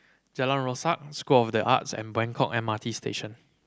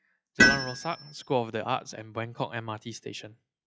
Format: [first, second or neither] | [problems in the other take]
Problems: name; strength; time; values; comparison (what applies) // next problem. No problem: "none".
first | noise reduction (classical method log-MMSE)